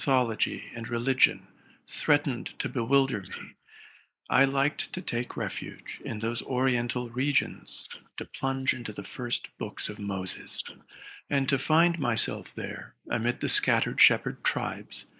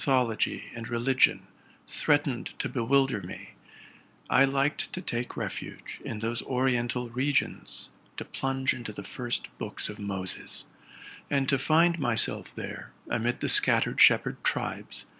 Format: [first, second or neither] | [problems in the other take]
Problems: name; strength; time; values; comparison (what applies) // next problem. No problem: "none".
second | noise reduction (neural mask model Resemble Enhance denoiser)